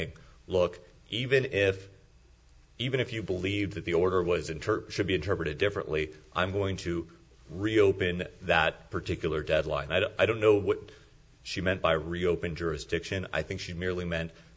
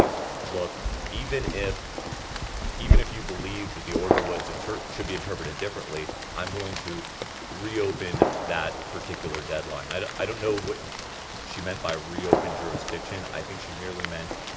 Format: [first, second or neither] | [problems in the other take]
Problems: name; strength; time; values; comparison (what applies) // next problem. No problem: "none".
first | background sound (Gunshot, gunfire + Rain); 4 dB above the speech